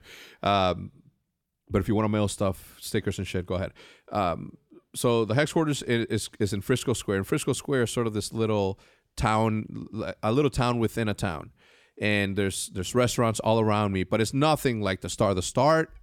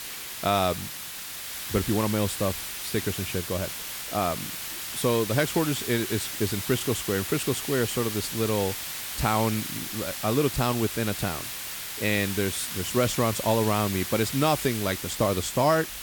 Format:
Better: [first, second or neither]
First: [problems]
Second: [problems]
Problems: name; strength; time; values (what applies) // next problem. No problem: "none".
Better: first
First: none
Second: hiss; loud; throughout; 5 dB below the speech